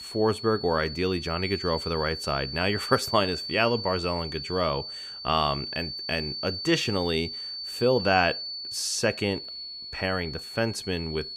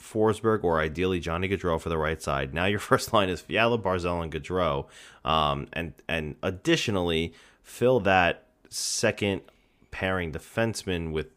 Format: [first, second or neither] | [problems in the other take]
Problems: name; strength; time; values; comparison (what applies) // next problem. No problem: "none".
second | high-pitched whine; loud; throughout; 4.5 kHz, 6 dB below the speech